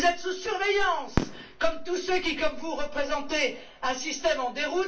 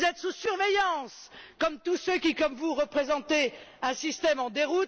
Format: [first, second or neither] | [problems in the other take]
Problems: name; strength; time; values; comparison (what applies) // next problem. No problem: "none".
second | background sound (Fireworks); 12 dB below the speech // room echo; dies away in 0.3 s